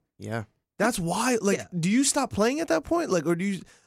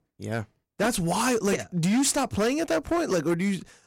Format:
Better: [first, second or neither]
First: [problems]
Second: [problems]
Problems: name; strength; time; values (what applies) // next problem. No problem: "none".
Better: first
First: none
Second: distortion; slight; 10% of the sound clipped